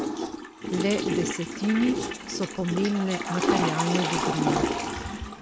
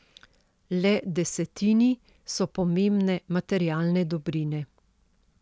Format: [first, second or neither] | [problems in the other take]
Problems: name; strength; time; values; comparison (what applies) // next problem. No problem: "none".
second | background sound (Toilet flush / Water); as loud as the speech